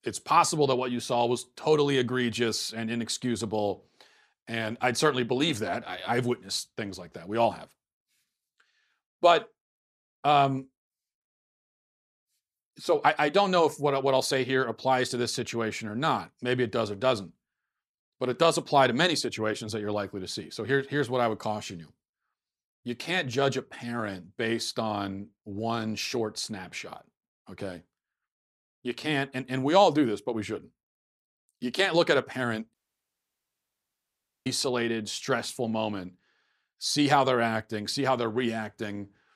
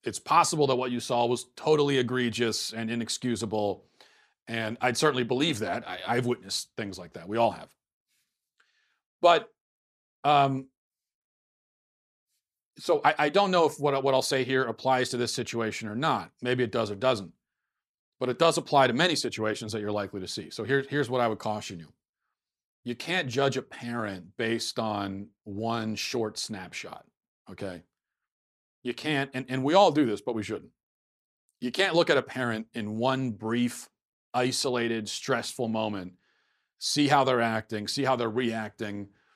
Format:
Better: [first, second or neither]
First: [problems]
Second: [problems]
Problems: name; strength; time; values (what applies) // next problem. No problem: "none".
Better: second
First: audio cutting out; at 33 s for 1.5 s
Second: none